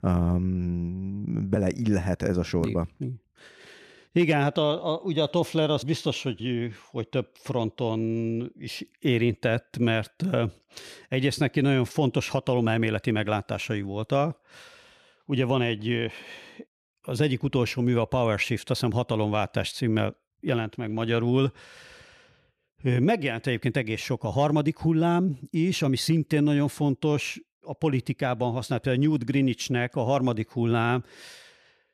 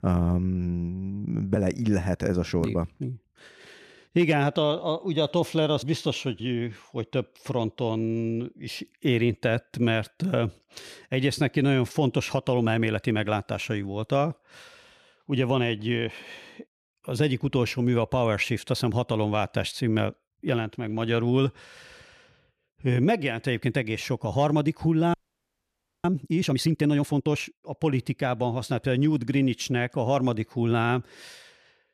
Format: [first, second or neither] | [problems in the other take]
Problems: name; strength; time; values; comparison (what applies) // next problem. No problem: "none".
first | audio freezing; at 25 s for 1 s